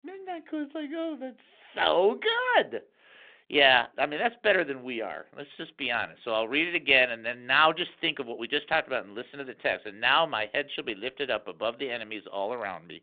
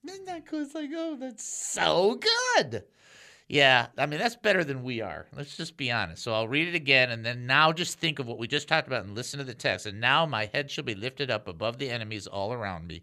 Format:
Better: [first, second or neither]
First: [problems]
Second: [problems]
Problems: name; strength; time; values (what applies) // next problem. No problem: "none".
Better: second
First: phone-call audio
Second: none